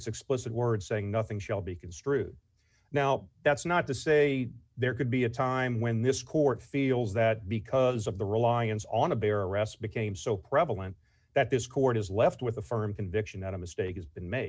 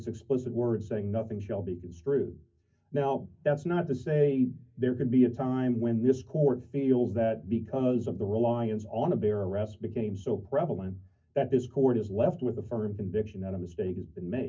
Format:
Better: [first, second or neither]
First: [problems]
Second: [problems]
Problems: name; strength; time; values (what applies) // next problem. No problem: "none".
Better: first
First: none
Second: room echo; dies away in 0.3 s